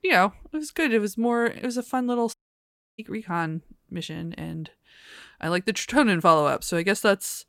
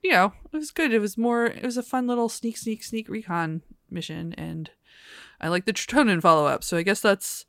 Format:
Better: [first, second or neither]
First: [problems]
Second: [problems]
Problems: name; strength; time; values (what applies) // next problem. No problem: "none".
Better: second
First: audio cutting out; at 2.5 s for 0.5 s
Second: none